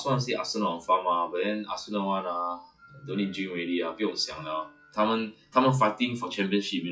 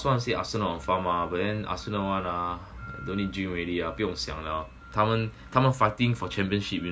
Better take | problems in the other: second | noise reduction (classical method WPE with log-MMSE)

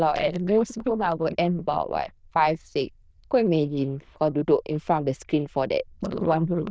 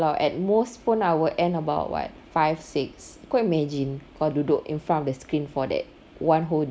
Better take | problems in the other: second | noise reduction (neural diffusion model UNIVERSE++)

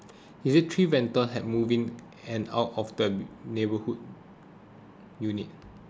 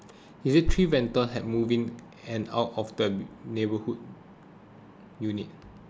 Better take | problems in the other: first | background sound (Thump, thud); 1 dB below the speech

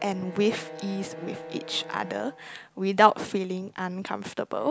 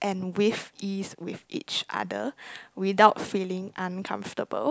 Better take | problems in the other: second | background sound (Bowed string instrument); 16 dB below the speech

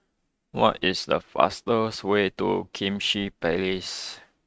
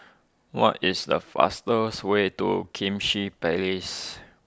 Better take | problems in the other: second | noise reduction (neural mask model RNNoise)

